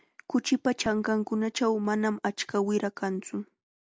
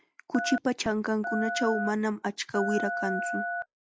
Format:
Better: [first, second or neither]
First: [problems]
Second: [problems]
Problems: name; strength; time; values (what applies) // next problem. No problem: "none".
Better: first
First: none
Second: noise reduction (classical method log-MMSE)